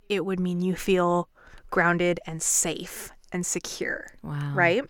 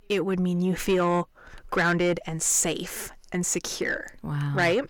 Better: first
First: none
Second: distortion; slight; 10 dB below the speech

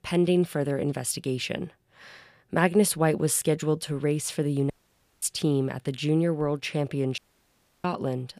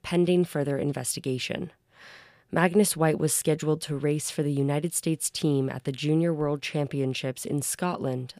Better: second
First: audio cutting out; at 4.5 s for 0.5 s and at 7 s for 0.5 s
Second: none

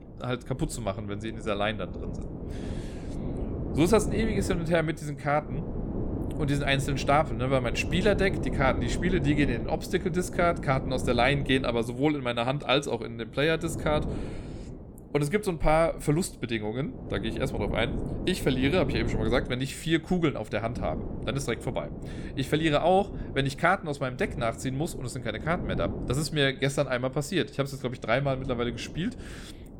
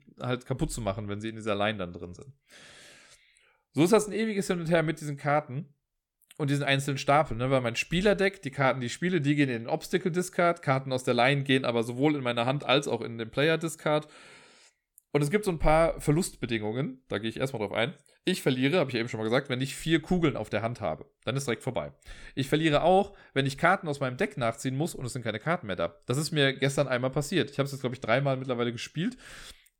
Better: second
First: wind noise on the microphone; occasional gusts; 15 dB below the speech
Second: none

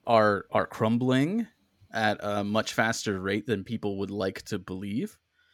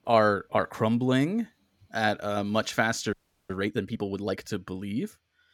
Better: first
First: none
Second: audio freezing; at 3 s

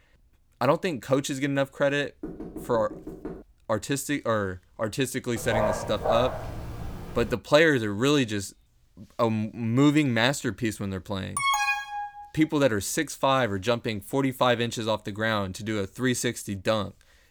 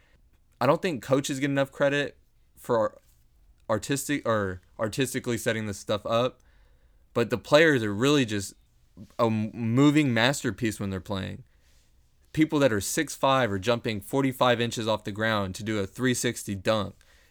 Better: second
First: door banging; faint; from 2 to 3.5 s; peak 10 dB below the speech // dog barking; noticeable; from 5.5 to 7.5 s; peak 1 dB below the speech // alarm; loud; at 11 s; peak 3 dB above the speech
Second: none

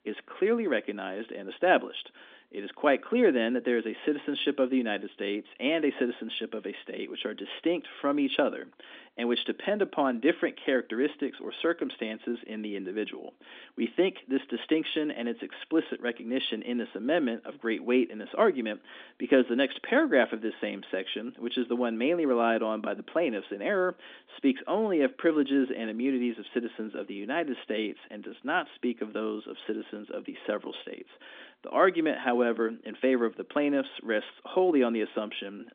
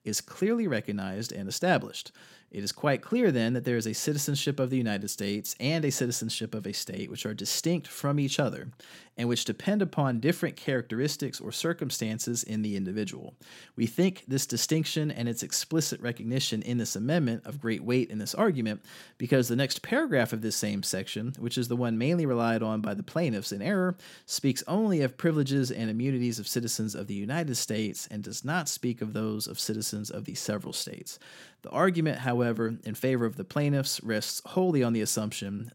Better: second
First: phone-call audio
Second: none

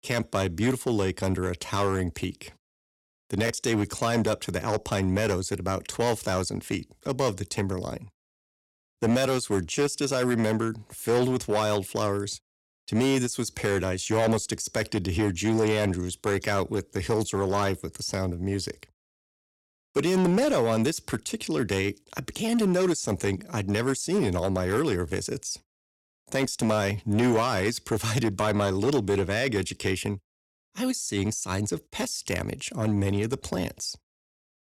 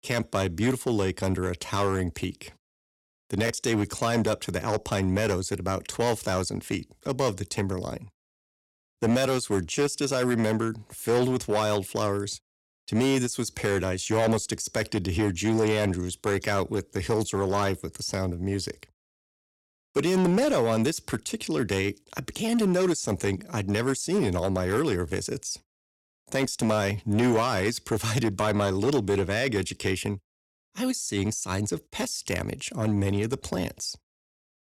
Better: neither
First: distortion; slight; 5% of the sound clipped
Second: distortion; slight; 5% of the sound clipped

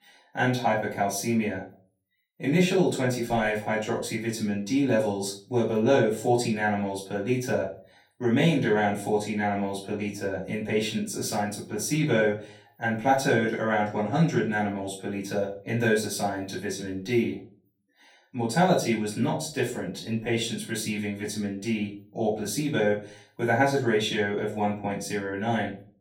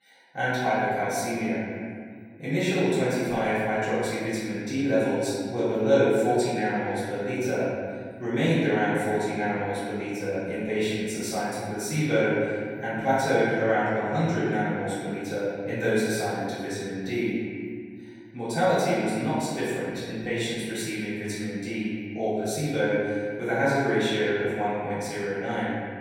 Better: first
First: room echo; slight; dies away in 0.3 s // off-mic speech; far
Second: room echo; strong; dies away in 2.1 s // off-mic speech; far

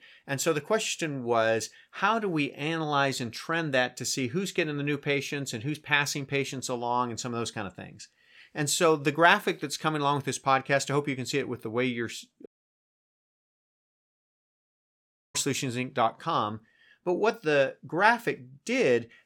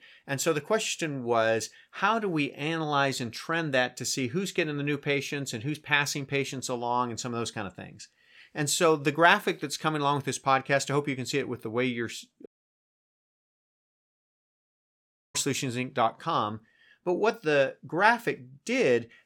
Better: neither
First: audio cutting out; at 12 s for 3 s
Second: audio cutting out; at 12 s for 3 s

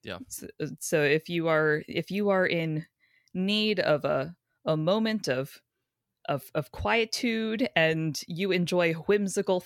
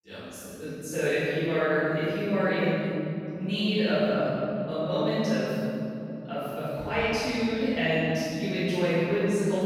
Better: first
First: none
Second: off-mic speech; far // room echo; strong; dies away in 3 s

